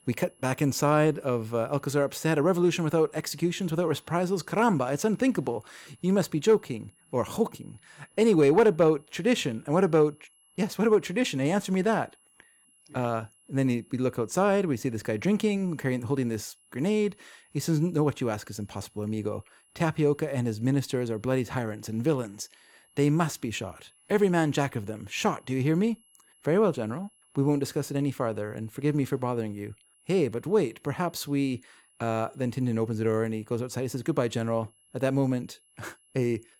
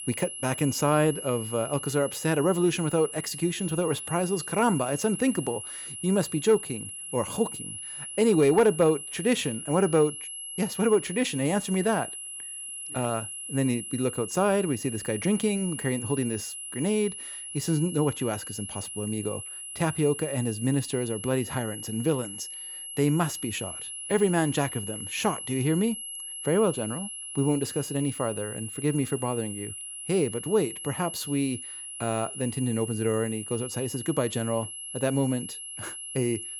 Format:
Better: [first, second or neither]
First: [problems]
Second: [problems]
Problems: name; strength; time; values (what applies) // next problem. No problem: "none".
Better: first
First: high-pitched whine; faint; throughout; 11 kHz, 35 dB below the speech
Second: high-pitched whine; loud; throughout; 11 kHz, 8 dB below the speech